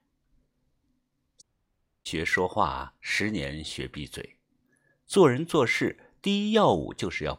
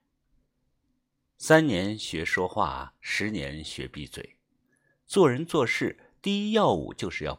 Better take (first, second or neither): second